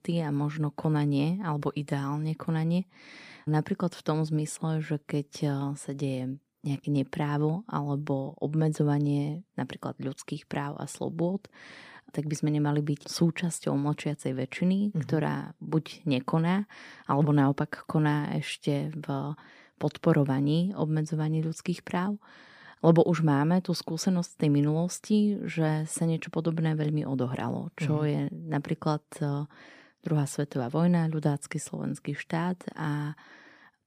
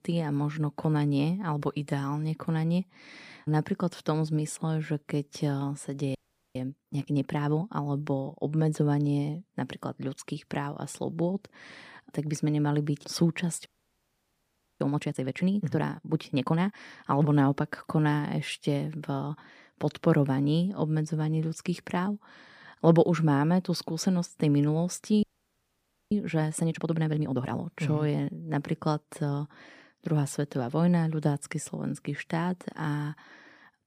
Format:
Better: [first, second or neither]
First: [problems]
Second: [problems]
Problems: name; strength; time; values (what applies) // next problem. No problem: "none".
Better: first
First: none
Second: audio freezing; at 6 s, at 14 s for 1 s and at 25 s for 1 s